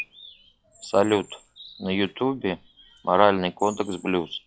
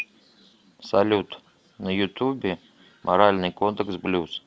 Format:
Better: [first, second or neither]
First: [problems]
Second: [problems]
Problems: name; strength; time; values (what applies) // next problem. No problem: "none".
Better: second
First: noise reduction (classical method log-MMSE)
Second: none